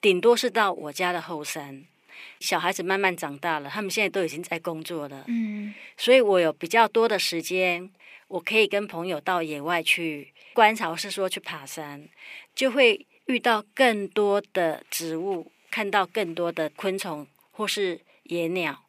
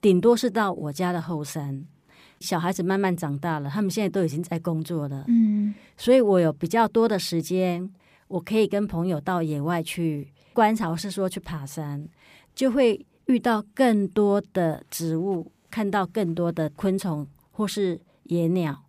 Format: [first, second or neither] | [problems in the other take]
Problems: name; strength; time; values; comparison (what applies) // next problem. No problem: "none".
second | thin; somewhat; fading below 400 Hz